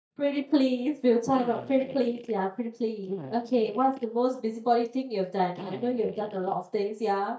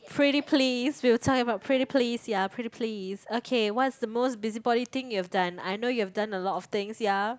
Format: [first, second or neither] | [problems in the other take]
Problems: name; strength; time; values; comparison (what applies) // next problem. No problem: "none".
second | noise reduction (neural mask model DeepFilterNet 3)